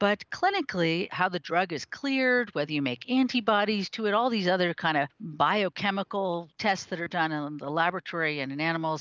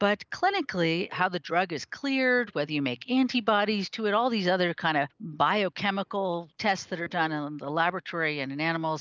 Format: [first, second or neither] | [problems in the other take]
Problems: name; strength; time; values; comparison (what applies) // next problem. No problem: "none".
first | noise reduction (neural mask model Resemble Enhance denoiser)